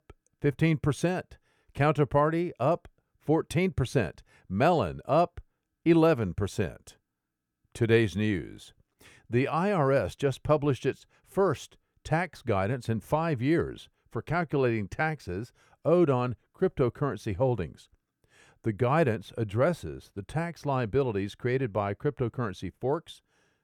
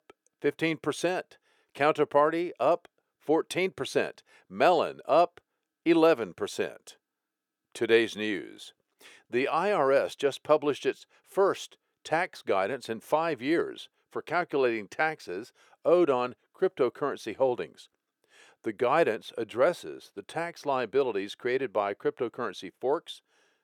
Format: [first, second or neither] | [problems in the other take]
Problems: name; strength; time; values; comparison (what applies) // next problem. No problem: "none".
first | thin; somewhat; fading below 400 Hz